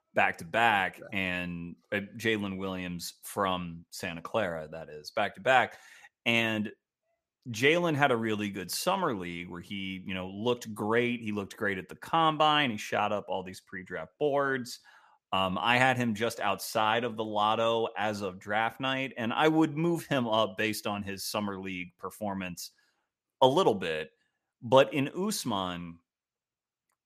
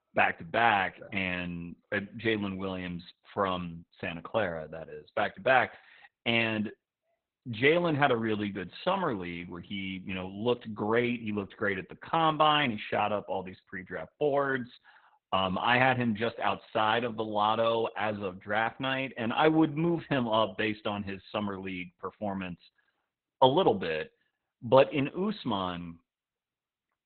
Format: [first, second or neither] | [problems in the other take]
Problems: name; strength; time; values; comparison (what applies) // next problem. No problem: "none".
first | garbled, watery; badly; nothing above 3.5 kHz